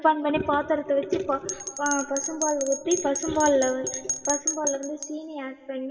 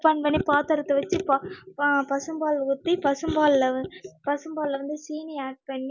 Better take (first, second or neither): second